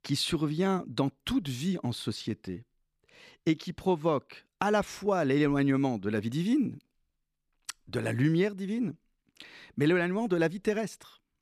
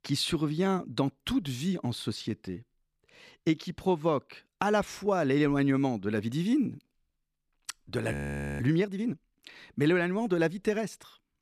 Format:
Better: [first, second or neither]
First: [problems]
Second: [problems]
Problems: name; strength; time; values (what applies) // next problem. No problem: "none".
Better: first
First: none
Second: audio freezing; at 8 s